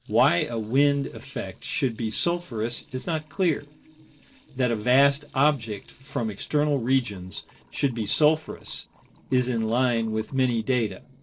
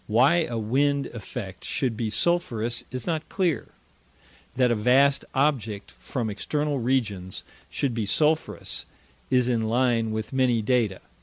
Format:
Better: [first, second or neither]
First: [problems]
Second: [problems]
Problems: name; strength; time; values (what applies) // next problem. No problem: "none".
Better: second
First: noise reduction (neural separator model SepFormer DNS4)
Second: none